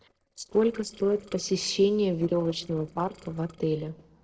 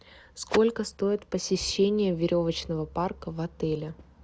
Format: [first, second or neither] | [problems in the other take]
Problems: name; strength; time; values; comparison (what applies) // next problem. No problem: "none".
second | noise reduction (neural separator model SepFormer DNS4)